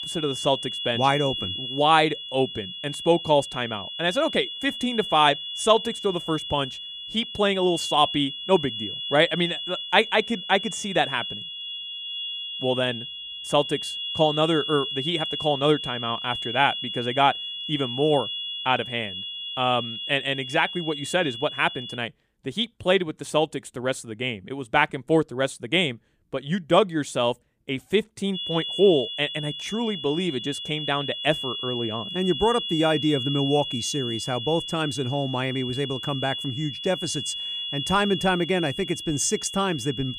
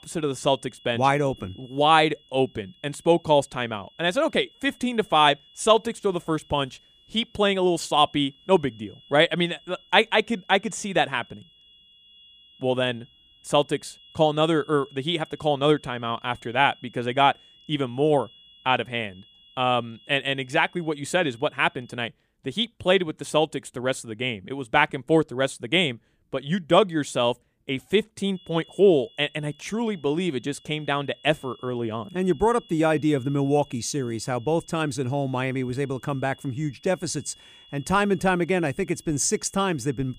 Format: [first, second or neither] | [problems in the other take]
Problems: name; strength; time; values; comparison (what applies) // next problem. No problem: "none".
second | high-pitched whine; loud; until 22 s and from 28 s on; 3.5 kHz, 6 dB below the speech; faint in the second